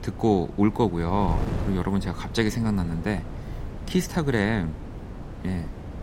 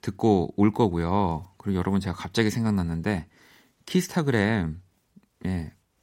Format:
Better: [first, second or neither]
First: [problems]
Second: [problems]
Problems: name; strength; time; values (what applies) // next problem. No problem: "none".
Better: second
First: wind noise on the microphone; occasional gusts; 15 dB below the speech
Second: none